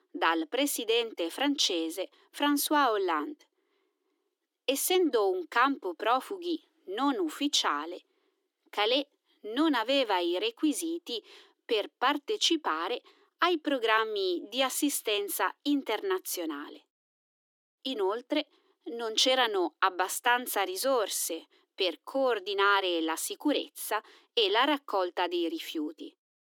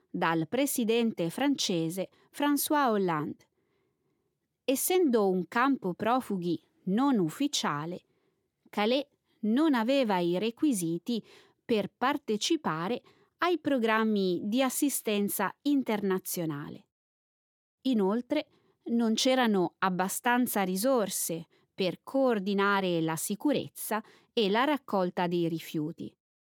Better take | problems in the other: second | thin; very slightly; fading below 300 Hz

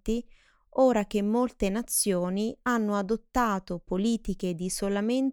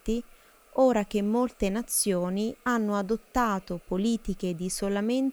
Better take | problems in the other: first | hiss; faint; throughout; 30 dB below the speech

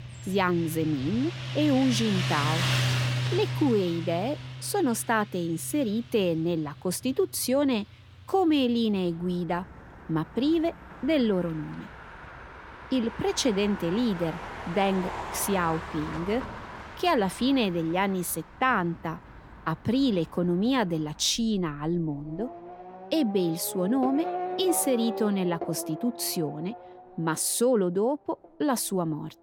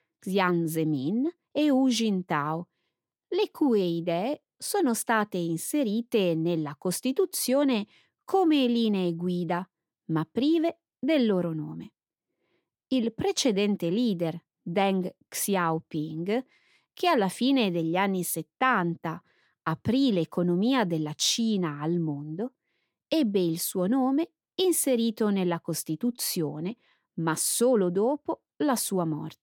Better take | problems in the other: second | traffic noise; loud; throughout; 8 dB below the speech

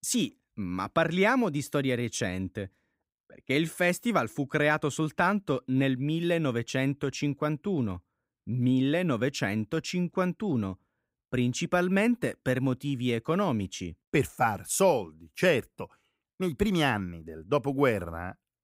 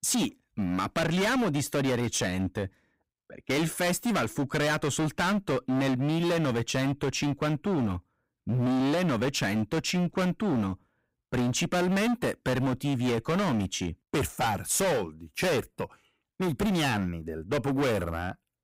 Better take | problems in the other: first | distortion; heavy; 25% of the sound clipped

